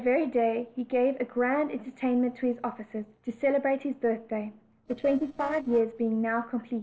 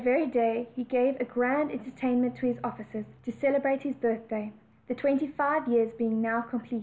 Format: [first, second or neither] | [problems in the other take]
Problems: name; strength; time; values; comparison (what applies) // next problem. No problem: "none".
second | noise reduction (neural separator model SepFormer DNS4)